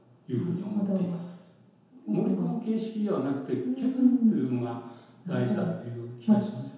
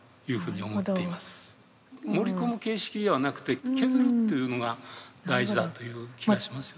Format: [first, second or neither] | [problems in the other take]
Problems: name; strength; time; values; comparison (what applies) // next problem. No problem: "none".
second | room echo; dies away in 1 s